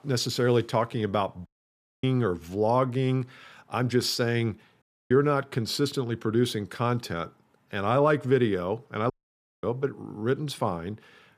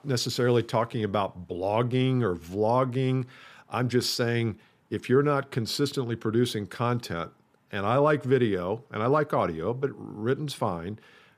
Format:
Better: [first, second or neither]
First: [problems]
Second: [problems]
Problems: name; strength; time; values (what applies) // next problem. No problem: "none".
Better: second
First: audio cutting out; at 1.5 s for 0.5 s, at 5 s and at 9 s for 0.5 s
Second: none